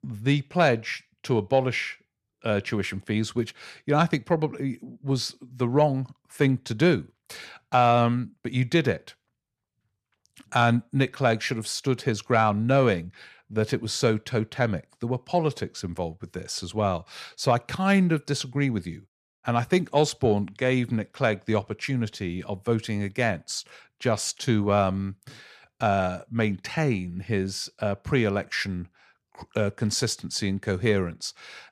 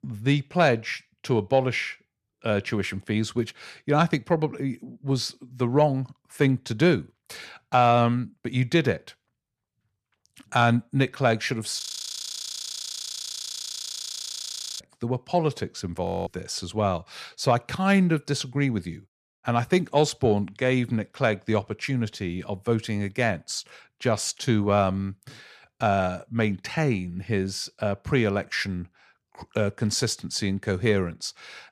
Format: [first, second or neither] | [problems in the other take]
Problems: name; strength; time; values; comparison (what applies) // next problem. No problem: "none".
first | audio freezing; at 12 s for 3 s and at 16 s